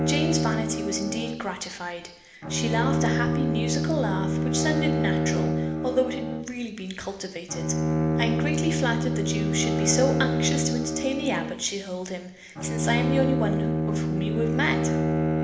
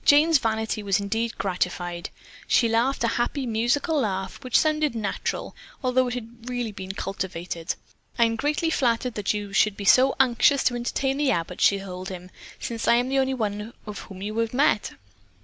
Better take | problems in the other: second | background sound (Bowed string instrument); 4 dB above the speech // room echo; dies away in 1 s

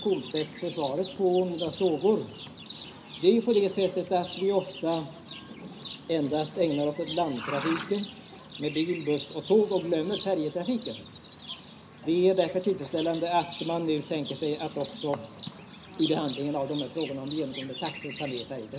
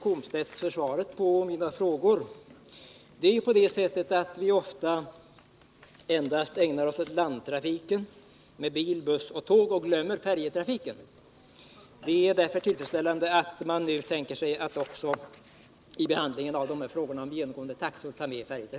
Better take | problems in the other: second | background sound (Livestock, farm animals, working animals); 14 dB below the speech // room echo; dies away in 0.4 s

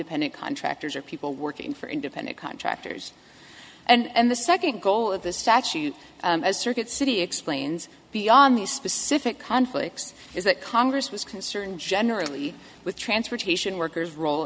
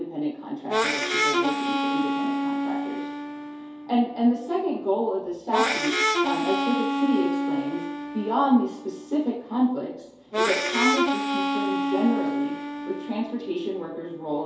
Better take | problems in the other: first | background sound (Harmonica); as loud as the speech // room echo; dies away in 2.4 s

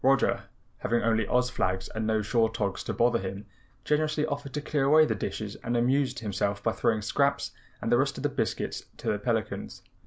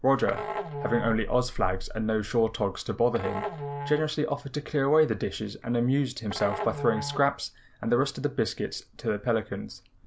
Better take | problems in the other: first | background sound (Musical instrument); 11 dB below the speech

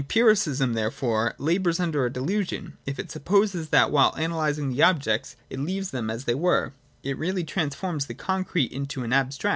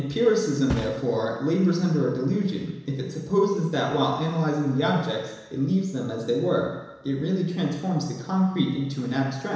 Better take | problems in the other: first | background sound (Thump, thud); 19 dB below the speech // room echo; dies away in 1 s

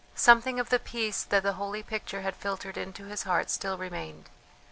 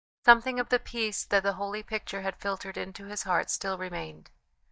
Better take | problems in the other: first | noise reduction (neural mask model DeepFilterNet 3)

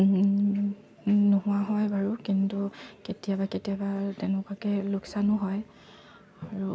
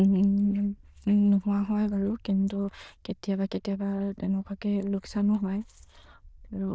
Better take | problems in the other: first | noise reduction (neural diffusion model UNIVERSE++)

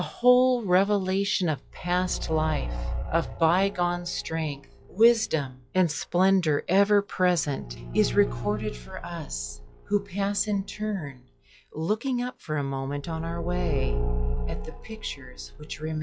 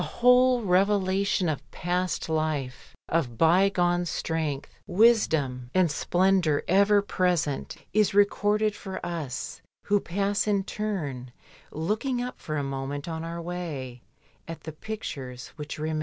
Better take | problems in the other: second | noise reduction (classical method log-MMSE)

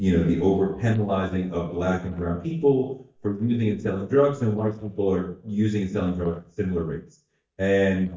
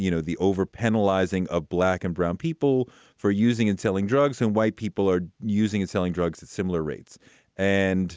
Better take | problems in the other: second | noise reduction (neural mask model DeepFilterNet 3)

